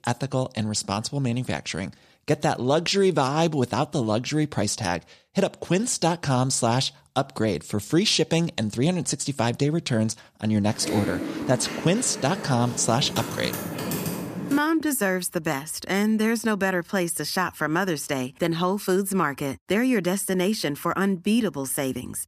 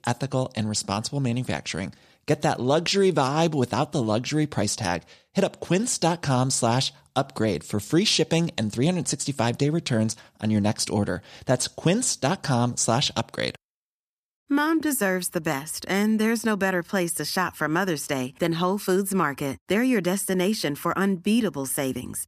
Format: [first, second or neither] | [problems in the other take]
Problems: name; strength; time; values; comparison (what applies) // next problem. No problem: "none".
second | keyboard typing; noticeable; from 11 to 15 s; peak 4 dB below the speech